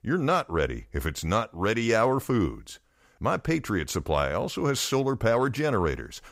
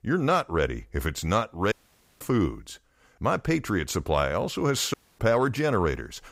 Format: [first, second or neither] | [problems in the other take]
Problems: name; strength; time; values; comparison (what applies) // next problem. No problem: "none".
first | audio cutting out; at 1.5 s and at 5 s